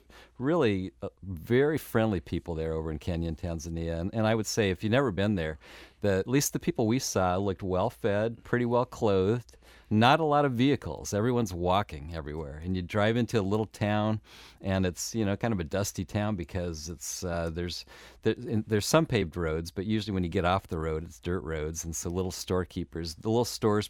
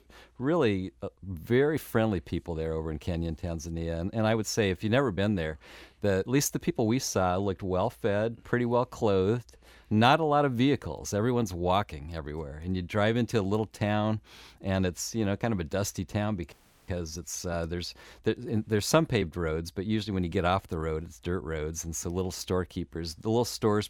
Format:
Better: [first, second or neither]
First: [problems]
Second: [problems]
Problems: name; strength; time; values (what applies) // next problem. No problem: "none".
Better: first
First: none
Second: audio freezing; at 17 s